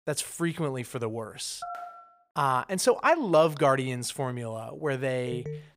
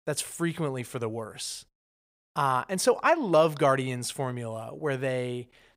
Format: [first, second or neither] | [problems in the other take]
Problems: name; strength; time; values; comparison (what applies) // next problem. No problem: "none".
second | phone ringing; faint; at 1.5 s and at 5.5 s; peak 10 dB below the speech